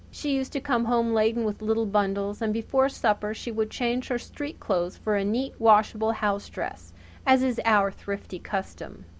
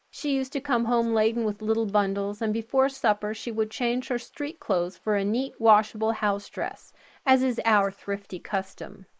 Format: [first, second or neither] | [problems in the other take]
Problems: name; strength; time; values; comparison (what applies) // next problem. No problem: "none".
first | noise reduction (neural mask model Resemble Enhance denoiser)